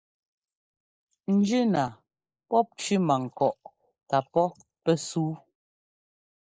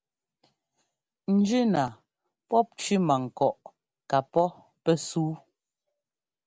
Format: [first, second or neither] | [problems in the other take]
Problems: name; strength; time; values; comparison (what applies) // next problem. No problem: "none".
second | noise reduction (neural mask model Resemble Enhance denoiser)